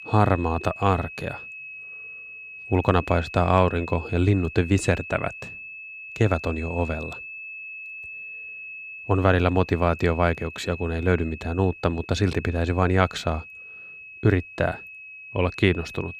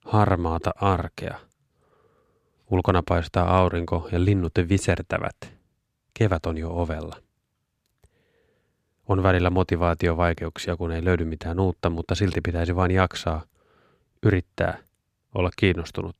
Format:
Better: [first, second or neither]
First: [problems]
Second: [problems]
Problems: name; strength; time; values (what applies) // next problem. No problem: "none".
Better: second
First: high-pitched whine; noticeable; throughout; 2.5 kHz, 15 dB below the speech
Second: none